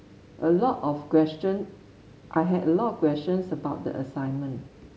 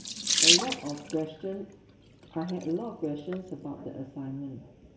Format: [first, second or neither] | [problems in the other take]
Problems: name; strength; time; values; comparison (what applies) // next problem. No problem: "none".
first | background sound (Sink (filling or washing) / Water tap, faucet); 3 dB above the speech // room echo; dies away in 0.7 s